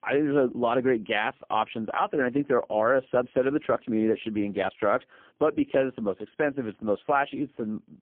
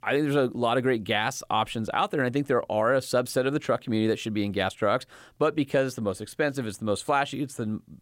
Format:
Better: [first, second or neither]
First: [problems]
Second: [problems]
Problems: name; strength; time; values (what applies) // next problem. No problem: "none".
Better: second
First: phone-call audio; poor line; nothing above 3.5 kHz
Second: none